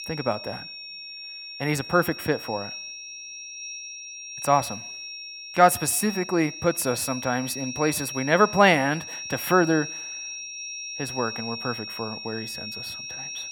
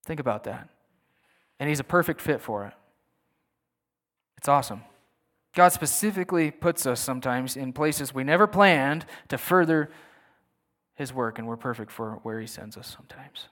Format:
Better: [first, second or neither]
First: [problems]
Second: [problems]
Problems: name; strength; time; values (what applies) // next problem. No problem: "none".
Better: second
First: high-pitched whine; loud; throughout; 5.5 kHz, 10 dB below the speech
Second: none